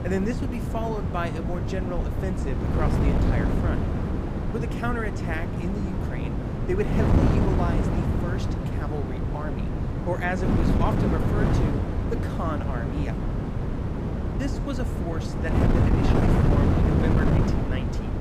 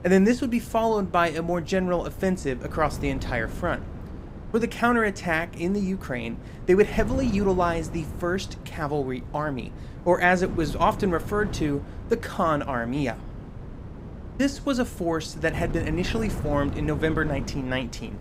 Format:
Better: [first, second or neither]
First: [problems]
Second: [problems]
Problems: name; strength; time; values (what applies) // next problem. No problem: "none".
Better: second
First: wind noise on the microphone; heavy; 2 dB above the speech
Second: wind noise on the microphone; occasional gusts; 15 dB below the speech